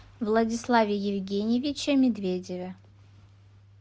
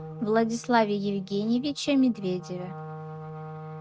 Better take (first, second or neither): first